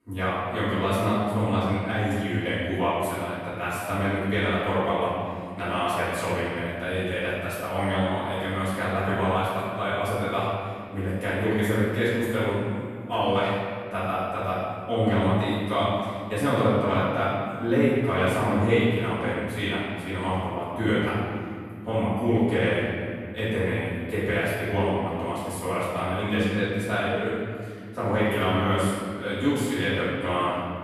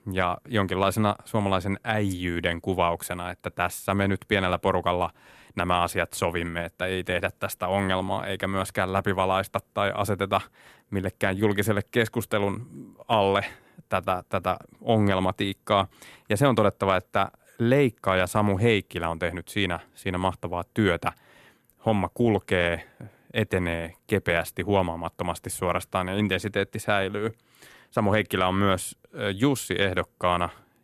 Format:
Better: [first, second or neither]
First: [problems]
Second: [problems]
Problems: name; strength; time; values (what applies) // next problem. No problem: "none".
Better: second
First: off-mic speech; far // room echo; strong; dies away in 2.1 s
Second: none